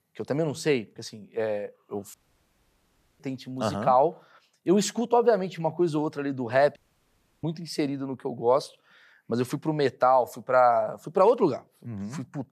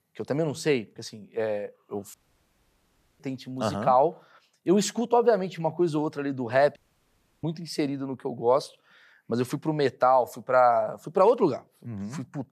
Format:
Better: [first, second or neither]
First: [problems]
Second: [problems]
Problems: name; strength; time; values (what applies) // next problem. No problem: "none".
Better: neither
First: audio cutting out; at 2 s for 1 s and at 7 s for 0.5 s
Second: audio cutting out; at 2 s for 1 s and at 7 s for 0.5 s